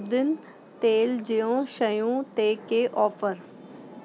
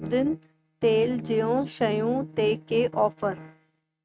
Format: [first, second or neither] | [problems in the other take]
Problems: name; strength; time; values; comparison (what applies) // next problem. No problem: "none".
first | noise reduction (neural mask model RNNoise)